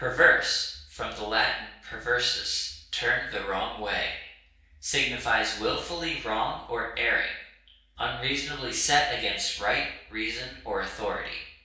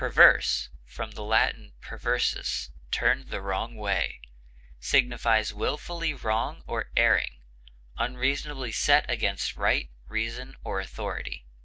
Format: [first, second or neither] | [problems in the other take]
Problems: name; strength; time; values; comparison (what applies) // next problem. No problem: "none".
second | room echo; dies away in 0.6 s